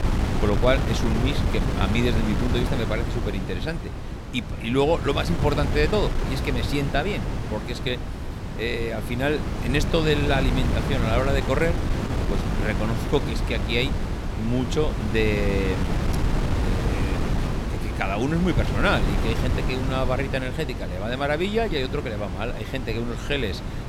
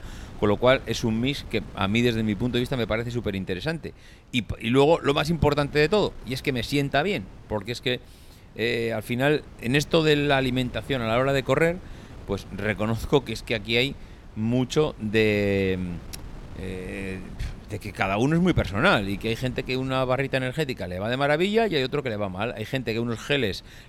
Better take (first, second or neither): second